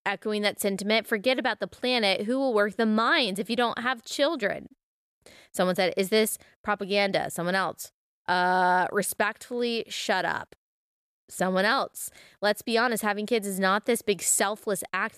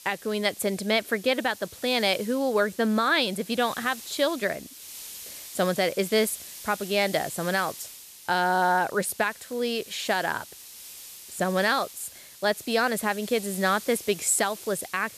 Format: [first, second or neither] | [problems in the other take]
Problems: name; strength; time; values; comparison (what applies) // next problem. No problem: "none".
first | hiss; noticeable; throughout; 15 dB below the speech